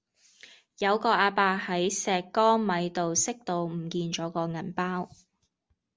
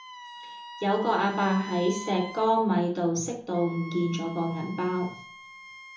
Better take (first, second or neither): first